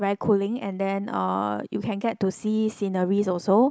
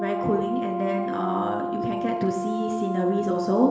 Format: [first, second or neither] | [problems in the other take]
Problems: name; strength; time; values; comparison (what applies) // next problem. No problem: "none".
first | background sound (Brass instrument); 3 dB below the speech // room echo; dies away in 1.3 s